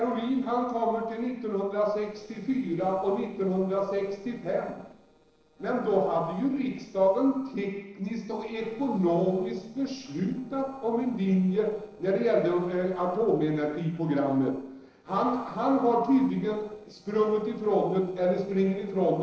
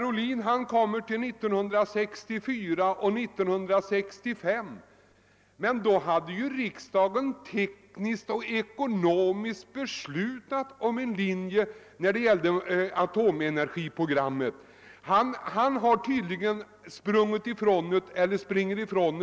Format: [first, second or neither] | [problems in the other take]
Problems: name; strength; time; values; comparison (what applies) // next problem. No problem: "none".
second | noise reduction (neural separator model SepFormer DNS4)